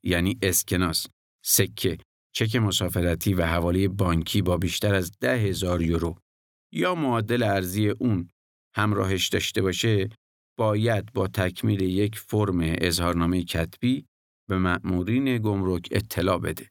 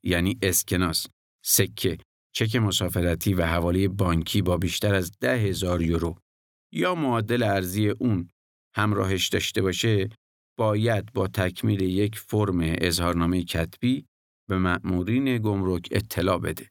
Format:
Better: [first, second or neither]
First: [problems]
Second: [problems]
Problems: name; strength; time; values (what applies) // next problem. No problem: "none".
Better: neither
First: none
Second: none